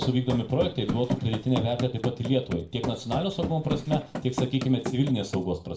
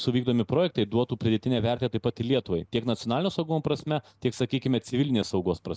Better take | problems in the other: second | background sound (Run); 6 dB below the speech // room echo; dies away in 0.3 s

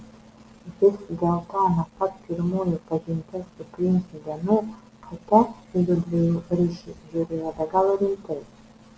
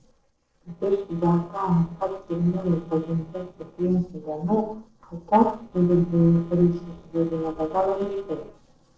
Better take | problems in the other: first | noise reduction (neural separator model SepFormer DNS4)

